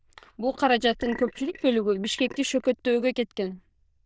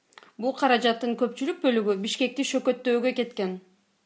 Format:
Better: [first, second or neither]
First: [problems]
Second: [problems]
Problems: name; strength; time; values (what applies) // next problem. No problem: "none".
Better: second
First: noise reduction (neural diffusion model UNIVERSE++)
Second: none